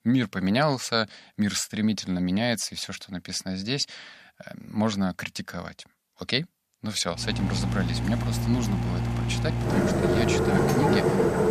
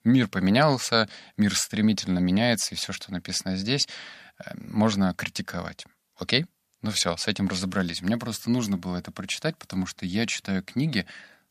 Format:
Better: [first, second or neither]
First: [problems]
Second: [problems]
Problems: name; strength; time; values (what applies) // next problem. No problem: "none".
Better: second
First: household noises; very loud; from 7 s on; 3 dB above the speech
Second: none